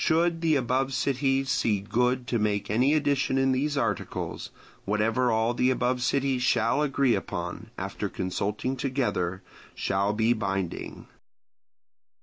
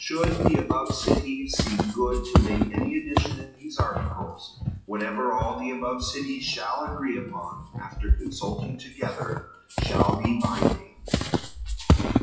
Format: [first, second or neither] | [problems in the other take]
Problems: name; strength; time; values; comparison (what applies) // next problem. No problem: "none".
first | noise reduction (classical method WPE with log-MMSE)